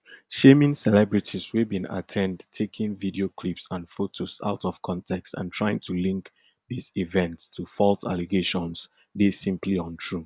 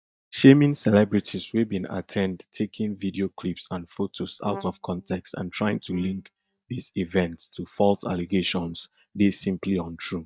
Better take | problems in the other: first | noise reduction (neural mask model DeepFilterNet 3)

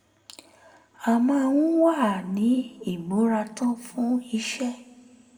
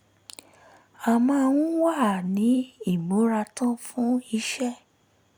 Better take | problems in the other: second | room echo; dies away in 1.3 s

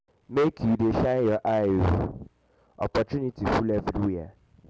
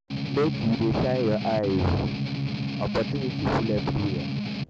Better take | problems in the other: first | background sound (Strum); 2 dB below the speech

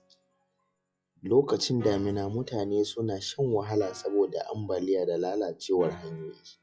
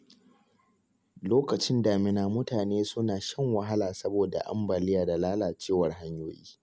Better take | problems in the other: second | noise reduction (classical method WPE with log-MMSE)

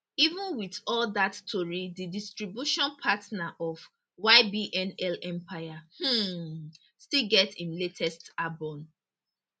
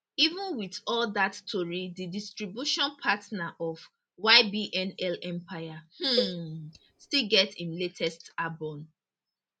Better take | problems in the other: first | background sound (Cowbell); 7 dB below the speech

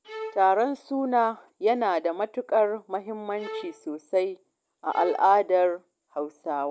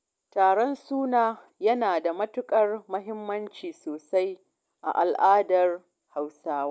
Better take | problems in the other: second | background sound (Bowed string instrument); 14 dB below the speech

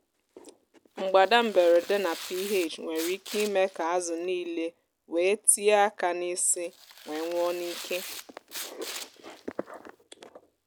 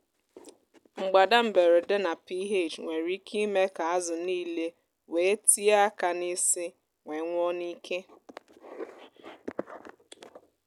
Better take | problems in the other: second | background sound (Tearing); 15 dB below the speech

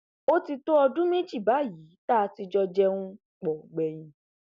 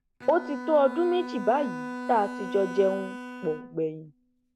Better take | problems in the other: first | background sound (Bowed string instrument); 10 dB below the speech

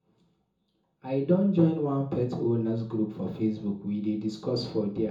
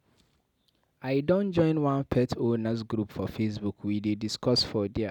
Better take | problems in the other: second | room echo; dies away in 0.6 s

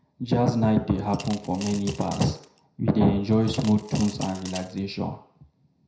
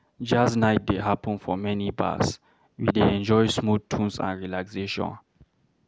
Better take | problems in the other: second | background sound (Coin (dropping) / Glass); 17 dB below the speech // room echo; dies away in 0.5 s

